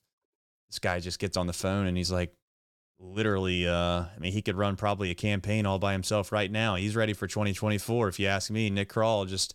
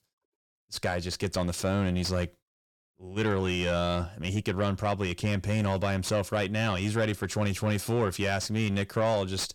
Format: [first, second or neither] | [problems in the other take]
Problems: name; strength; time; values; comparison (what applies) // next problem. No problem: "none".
first | distortion; slight; 10 dB below the speech